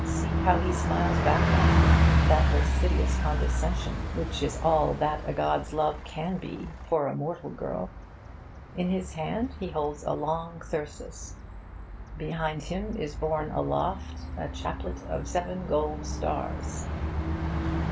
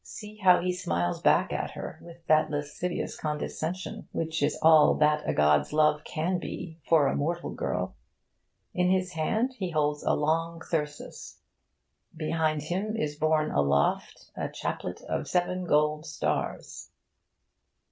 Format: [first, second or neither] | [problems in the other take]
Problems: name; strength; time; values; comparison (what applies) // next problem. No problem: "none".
second | background sound (Bus); 2 dB above the speech